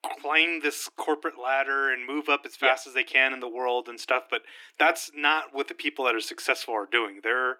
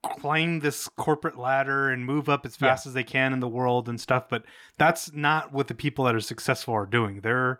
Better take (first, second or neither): second